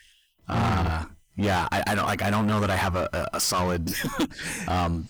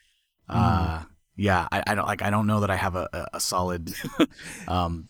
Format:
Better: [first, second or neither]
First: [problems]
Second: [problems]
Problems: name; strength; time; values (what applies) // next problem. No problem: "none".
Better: second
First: distortion; heavy; 6 dB below the speech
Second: none